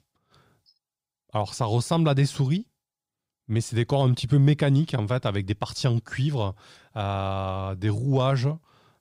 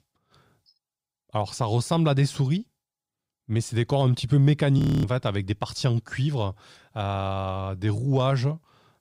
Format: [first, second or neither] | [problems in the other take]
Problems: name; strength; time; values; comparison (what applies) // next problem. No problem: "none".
first | audio freezing; at 5 s